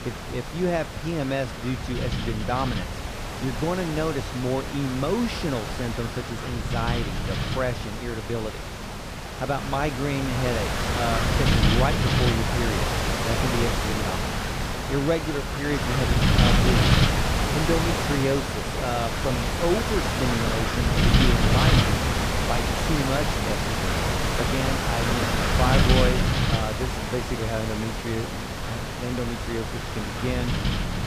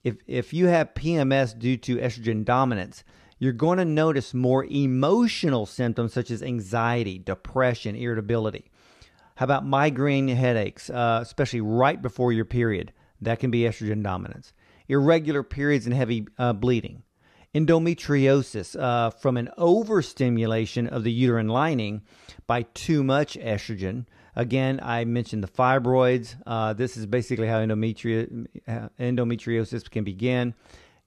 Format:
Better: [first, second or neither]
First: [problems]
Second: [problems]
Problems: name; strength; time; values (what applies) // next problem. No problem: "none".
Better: second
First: wind noise on the microphone; heavy; 3 dB above the speech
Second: none